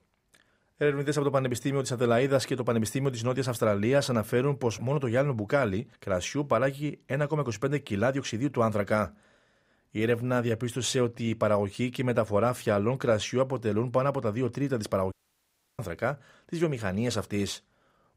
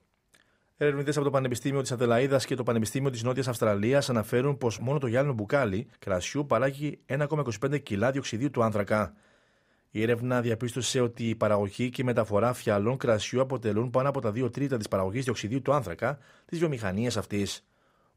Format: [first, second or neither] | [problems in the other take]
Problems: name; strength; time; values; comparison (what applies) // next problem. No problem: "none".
second | audio cutting out; at 15 s for 0.5 s